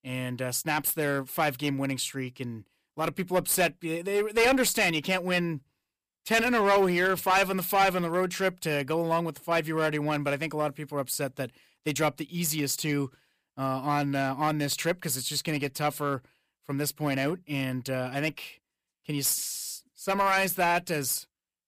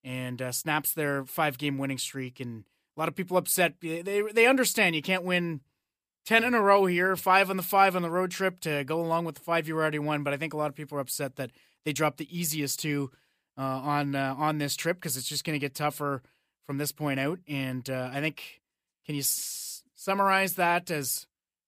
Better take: second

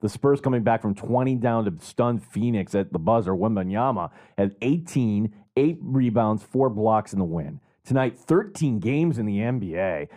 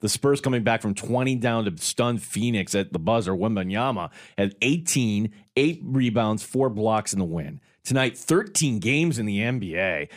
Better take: second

